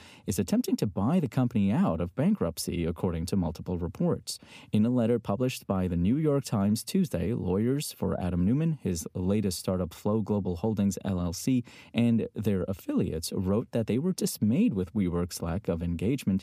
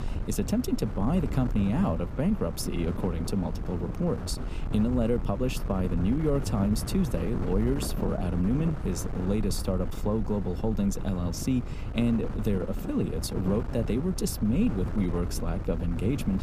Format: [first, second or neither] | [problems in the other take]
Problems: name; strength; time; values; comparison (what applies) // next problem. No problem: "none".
first | wind noise on the microphone; heavy; 9 dB below the speech